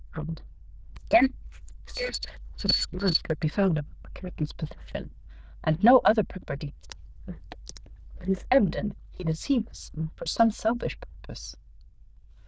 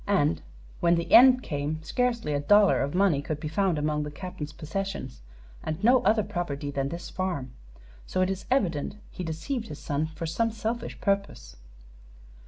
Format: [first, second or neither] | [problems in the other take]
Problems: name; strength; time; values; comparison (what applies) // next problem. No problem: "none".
second | noise reduction (neural diffusion model UNIVERSE++)